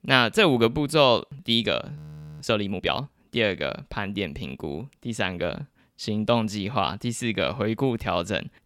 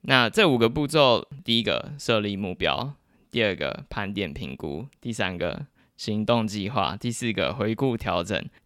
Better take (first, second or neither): second